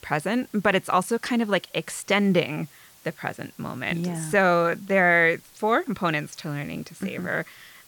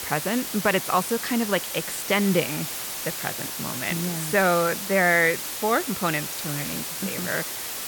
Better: first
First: hiss; faint; throughout; 25 dB below the speech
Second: hiss; loud; throughout; 5 dB below the speech

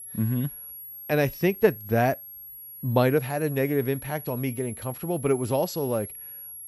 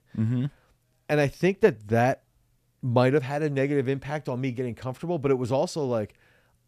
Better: second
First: high-pitched whine; noticeable; throughout; 11.5 kHz, 10 dB below the speech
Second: none

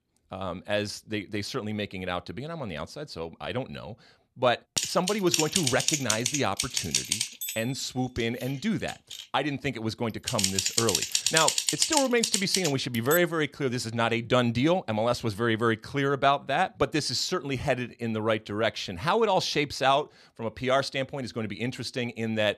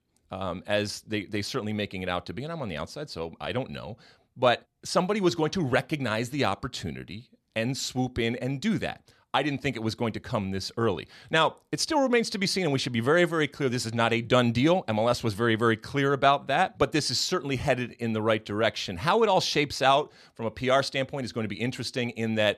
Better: second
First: keyboard typing; loud; from 5 to 13 s; peak 5 dB above the speech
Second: none

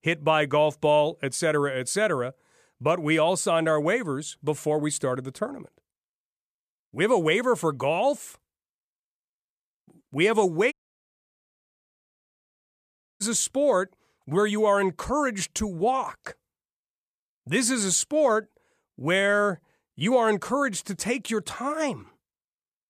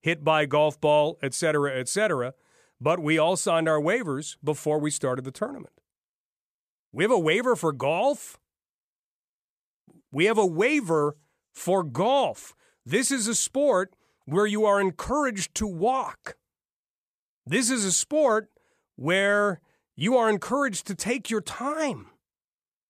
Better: second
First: audio cutting out; at 11 s for 2.5 s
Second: none

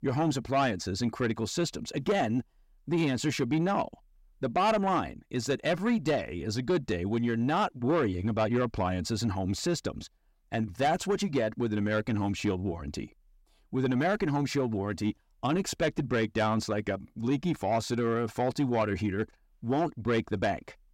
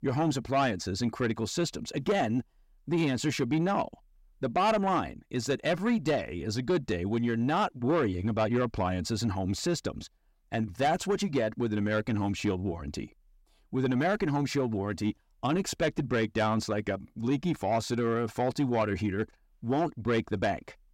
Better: neither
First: distortion; slight; 10 dB below the speech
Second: distortion; slight; 10 dB below the speech

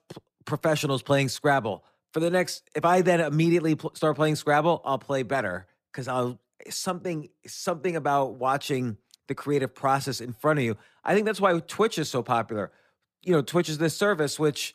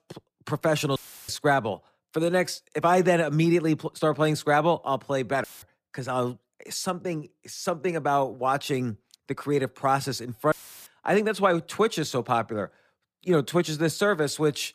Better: first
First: none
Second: audio cutting out; filled with static; at 1 s, at 5.5 s and at 11 s

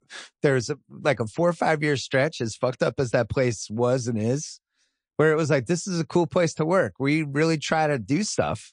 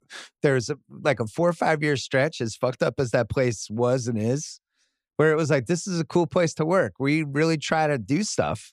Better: second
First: garbled, watery; slightly; nothing above 9 kHz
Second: none

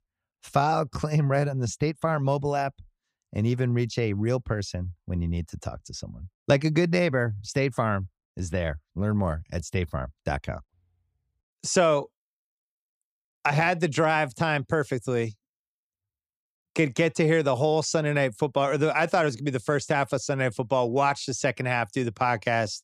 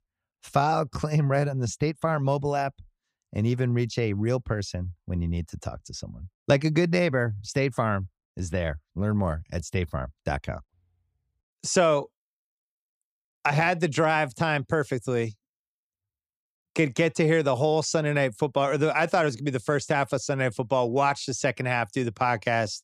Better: neither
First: none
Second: none

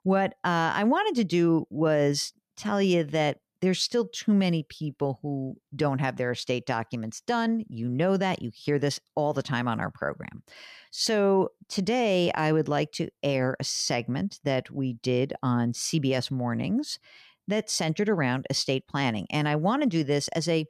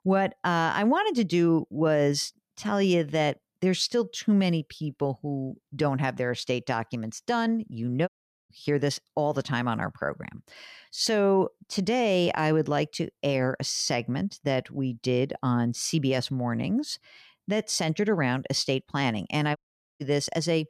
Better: first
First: none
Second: audio cutting out; at 8 s and at 20 s

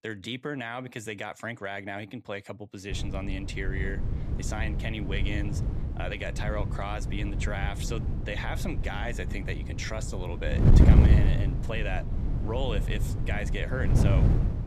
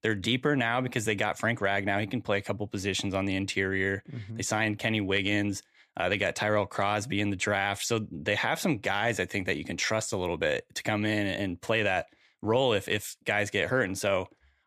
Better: second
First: wind noise on the microphone; heavy; from 3 s on; 4 dB below the speech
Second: none

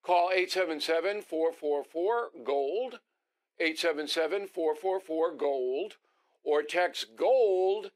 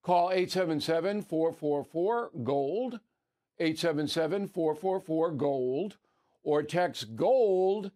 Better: second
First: thin; somewhat; fading below 400 Hz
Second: none

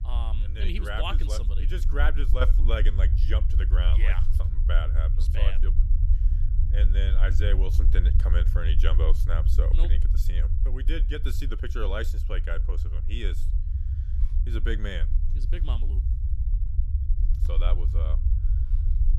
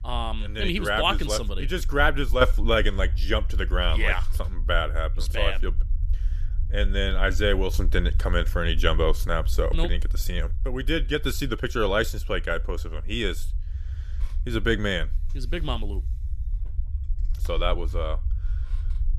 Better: second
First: low rumble; loud; throughout; 10 dB below the speech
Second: low rumble; faint; throughout; 25 dB below the speech

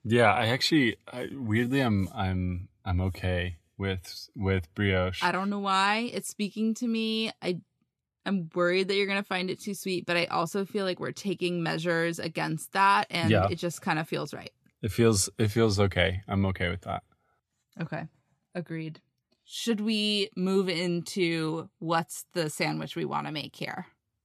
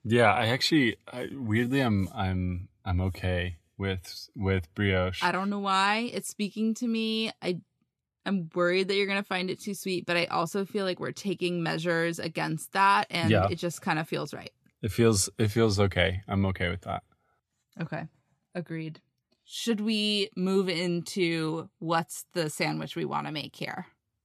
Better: neither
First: none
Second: none

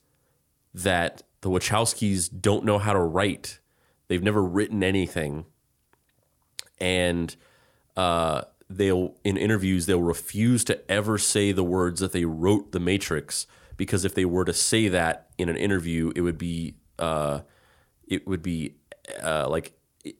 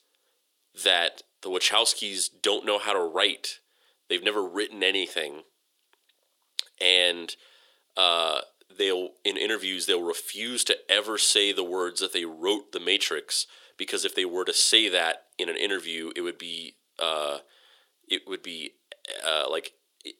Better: first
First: none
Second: thin; very; fading below 400 Hz

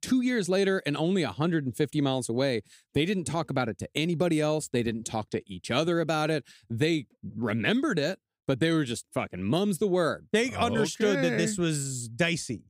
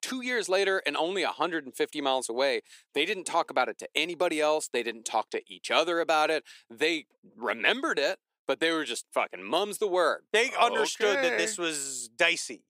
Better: first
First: none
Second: thin; very; fading below 400 Hz

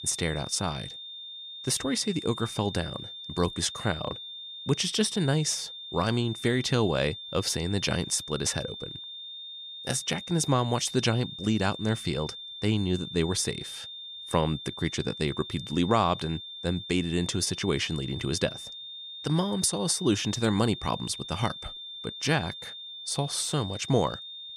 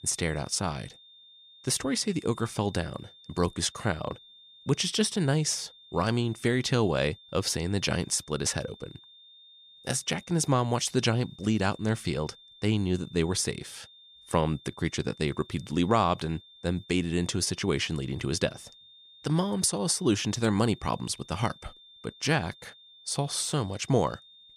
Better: second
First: high-pitched whine; loud; throughout; 3.5 kHz, 10 dB below the speech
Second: high-pitched whine; faint; throughout; 3.5 kHz, 25 dB below the speech

